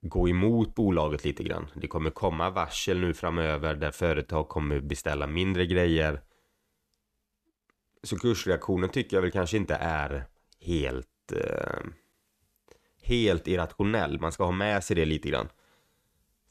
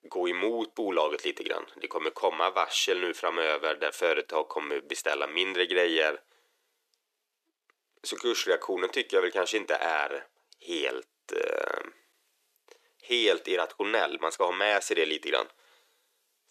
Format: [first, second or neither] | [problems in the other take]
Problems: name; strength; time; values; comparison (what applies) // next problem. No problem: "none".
first | thin; very; fading below 350 Hz